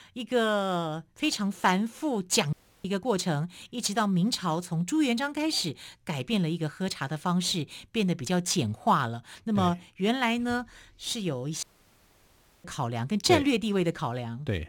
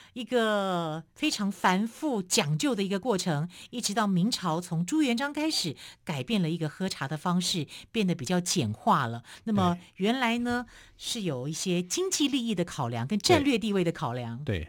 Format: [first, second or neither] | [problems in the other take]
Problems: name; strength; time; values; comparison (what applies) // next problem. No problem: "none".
second | audio cutting out; at 2.5 s and at 12 s for 1 s